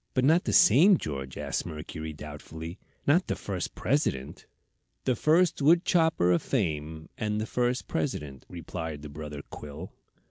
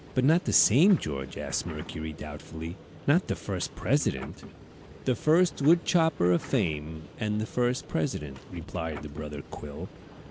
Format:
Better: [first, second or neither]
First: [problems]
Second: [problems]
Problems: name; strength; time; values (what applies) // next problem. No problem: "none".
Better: first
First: none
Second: background sound (Subway, metro, underground); 17 dB below the speech